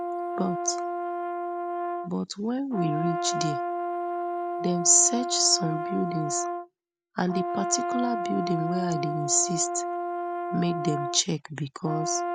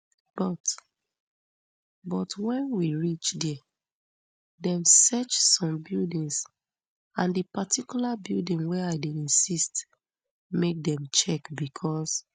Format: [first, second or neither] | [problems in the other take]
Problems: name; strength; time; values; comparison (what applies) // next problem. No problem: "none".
second | background sound (Brass instrument); 2 dB below the speech